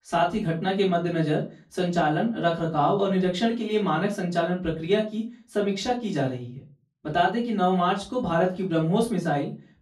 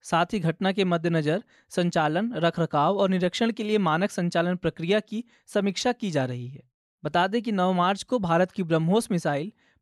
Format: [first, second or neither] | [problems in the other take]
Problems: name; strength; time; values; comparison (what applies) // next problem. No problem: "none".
second | off-mic speech; far // room echo; slight; dies away in 0.3 s